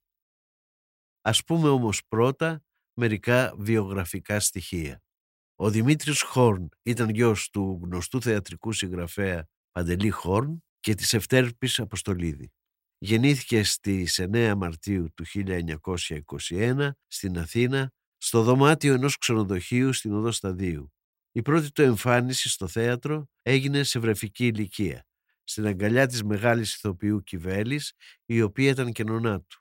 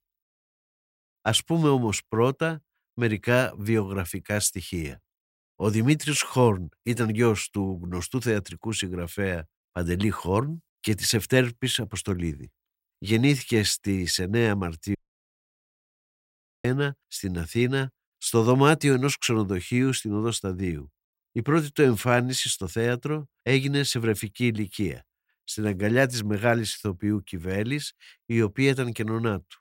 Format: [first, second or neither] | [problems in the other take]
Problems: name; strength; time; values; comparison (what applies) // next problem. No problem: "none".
first | audio cutting out; at 15 s for 1.5 s